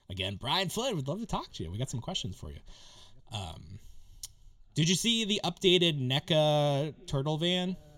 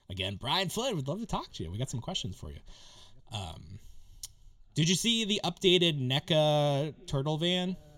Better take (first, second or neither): neither